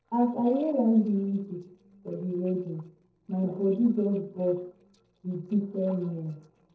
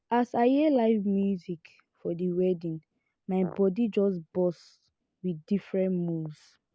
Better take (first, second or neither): second